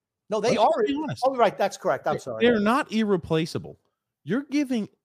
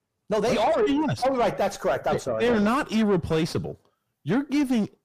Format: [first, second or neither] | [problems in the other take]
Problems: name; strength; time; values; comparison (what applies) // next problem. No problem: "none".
first | distortion; heavy; 6 dB below the speech